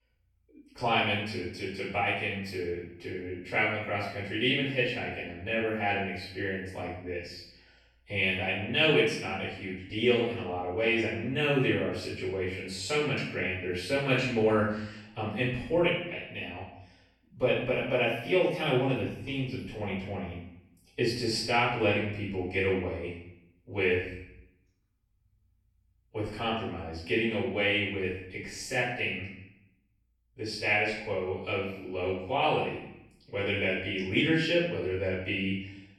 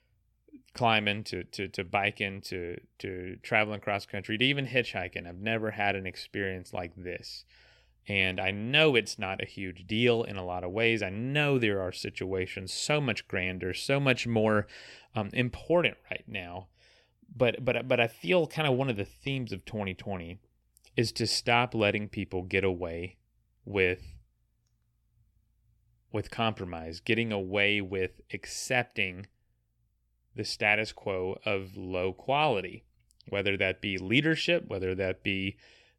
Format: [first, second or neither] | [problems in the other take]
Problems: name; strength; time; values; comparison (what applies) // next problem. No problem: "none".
second | off-mic speech; far // room echo; noticeable; dies away in 0.7 s